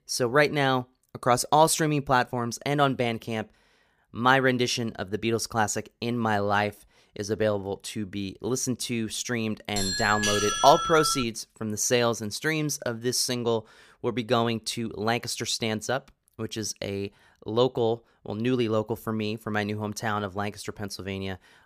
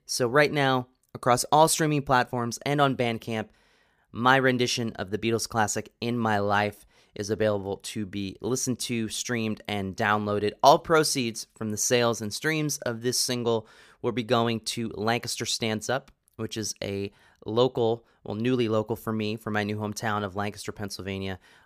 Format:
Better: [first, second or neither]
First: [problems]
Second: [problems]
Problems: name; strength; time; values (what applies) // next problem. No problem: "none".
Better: second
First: doorbell; loud; from 10 to 11 s; peak 1 dB above the speech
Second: none